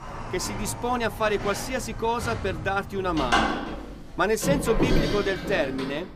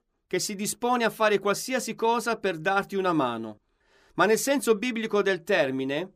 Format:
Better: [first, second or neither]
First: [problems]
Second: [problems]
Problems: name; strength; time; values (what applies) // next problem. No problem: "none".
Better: second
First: household noises; loud; throughout; 3 dB below the speech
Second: none